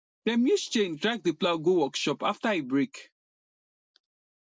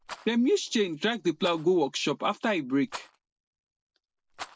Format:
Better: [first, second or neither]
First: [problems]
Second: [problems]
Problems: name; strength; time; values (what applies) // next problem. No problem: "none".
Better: first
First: none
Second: noise reduction (neural separator model SepFormer DNS4)